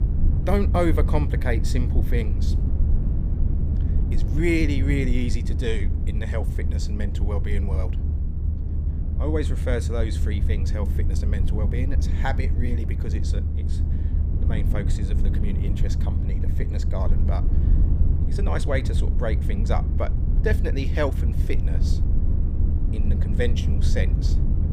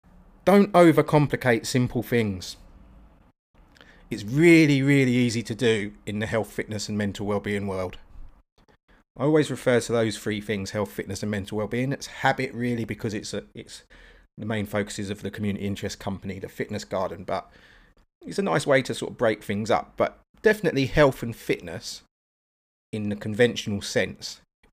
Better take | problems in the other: second | low rumble; loud; throughout; 7 dB below the speech

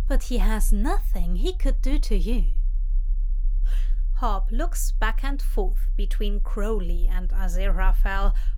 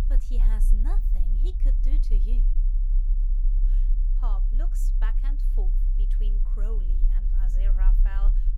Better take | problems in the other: first | low rumble; loud; throughout; 5 dB below the speech; faint in the first

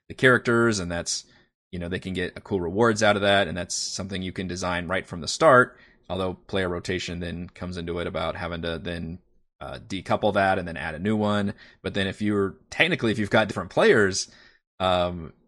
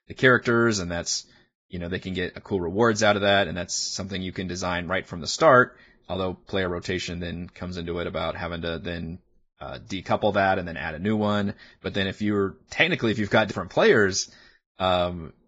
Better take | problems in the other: first | garbled, watery; badly; nothing above 7.5 kHz; slightly in the first

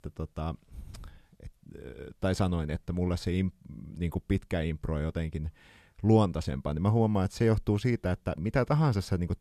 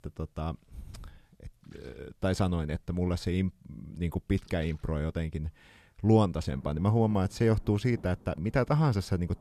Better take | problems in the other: first | rain or running water; faint; throughout; 25 dB below the speech

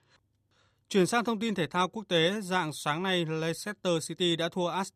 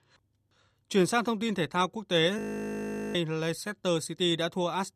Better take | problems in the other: first | audio freezing; at 2.5 s for 1 s

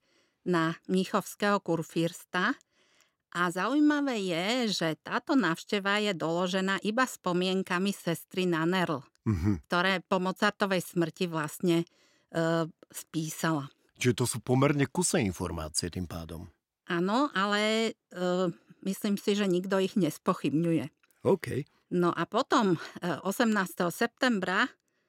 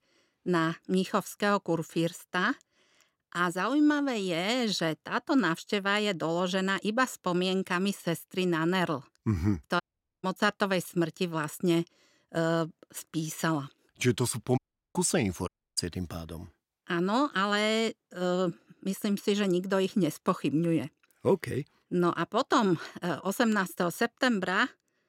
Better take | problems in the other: first | audio cutting out; at 10 s and at 15 s

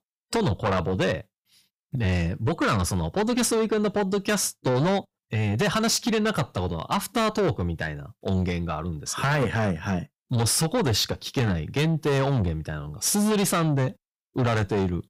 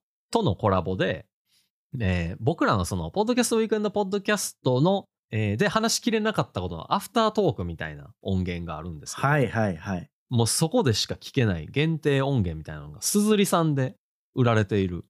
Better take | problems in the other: second | distortion; heavy; 6 dB below the speech

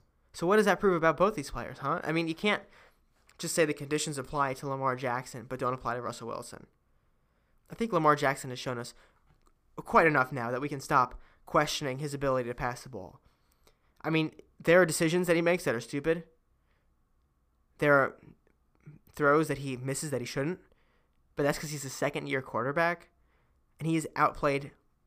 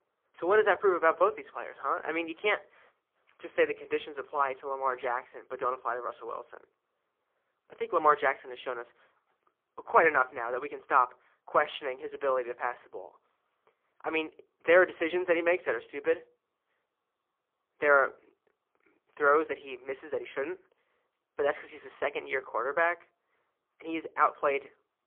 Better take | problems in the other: first | phone-call audio; poor line; nothing above 3.5 kHz

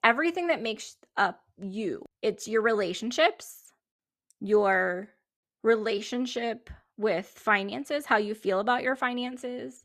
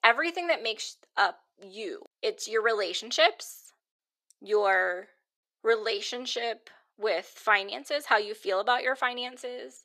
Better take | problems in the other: first | thin; very; fading below 400 Hz

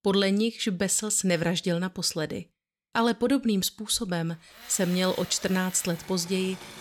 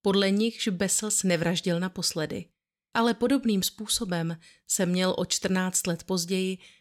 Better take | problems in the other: second | machinery noise; noticeable; from 4.5 s on; 15 dB below the speech

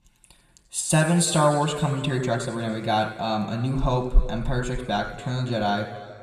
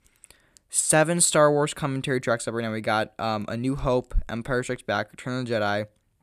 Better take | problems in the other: second | room echo; slight; dies away in 1.9 s // off-mic speech; somewhat distant

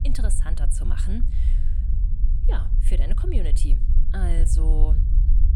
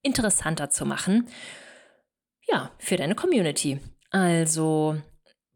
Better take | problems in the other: second | low rumble; loud; throughout; 6 dB below the speech

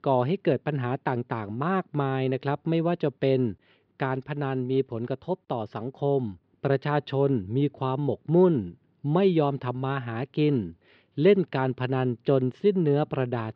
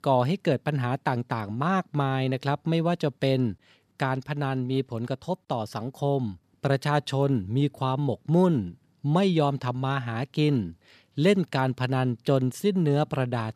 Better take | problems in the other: second | muffled; slightly; fading above 3.5 kHz

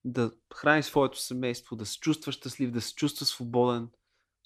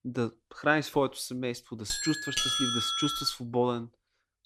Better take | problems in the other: first | doorbell; loud; from 2 to 3.5 s; peak 5 dB above the speech

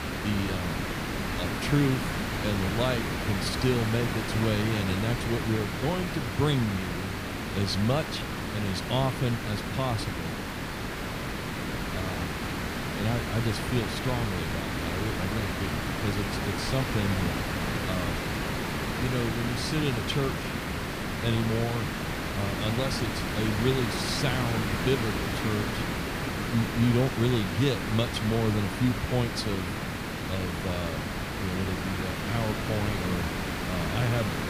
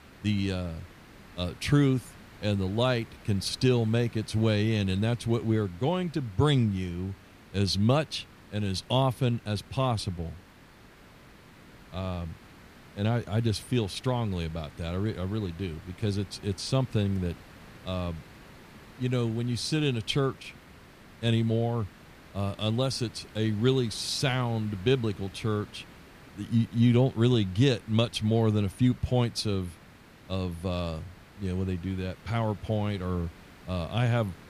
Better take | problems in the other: second | hiss; loud; throughout; 1 dB below the speech; faint in the second

